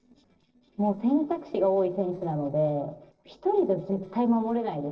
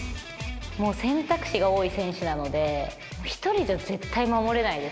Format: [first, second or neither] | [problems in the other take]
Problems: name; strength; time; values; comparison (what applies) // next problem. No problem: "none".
second | noise reduction (neural separator model SepFormer DNS4)